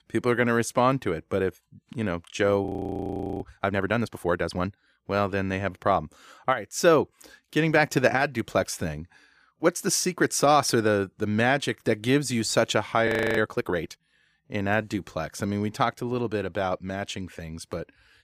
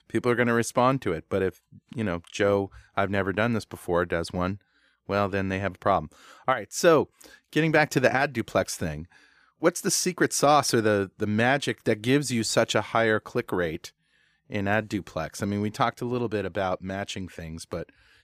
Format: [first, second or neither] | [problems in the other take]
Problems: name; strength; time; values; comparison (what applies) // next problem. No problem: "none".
second | audio freezing; at 2.5 s for 1 s and at 13 s